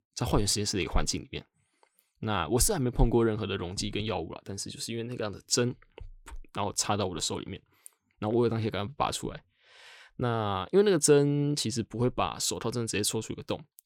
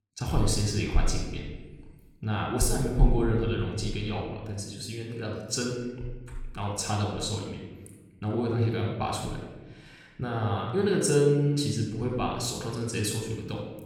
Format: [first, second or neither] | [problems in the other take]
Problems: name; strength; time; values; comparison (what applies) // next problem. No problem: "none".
first | off-mic speech; somewhat distant // room echo; noticeable; dies away in 1.1 s